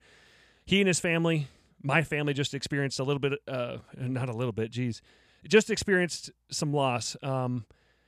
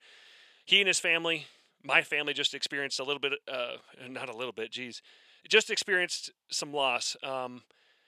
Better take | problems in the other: first | thin; very; fading below 450 Hz

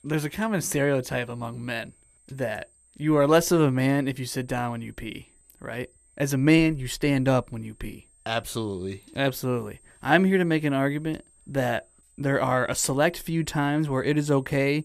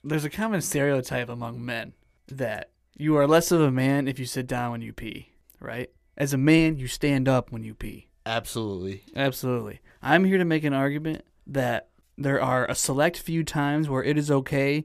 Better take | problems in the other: second | high-pitched whine; faint; throughout; 8.5 kHz, 30 dB below the speech

